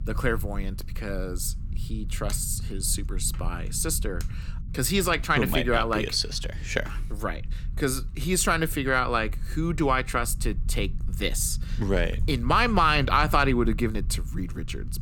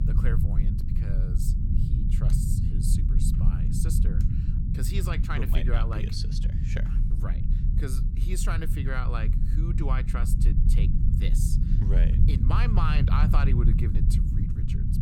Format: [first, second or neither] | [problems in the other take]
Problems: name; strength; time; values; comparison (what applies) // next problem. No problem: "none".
first | low rumble; loud; throughout; 3 dB below the speech; faint in the first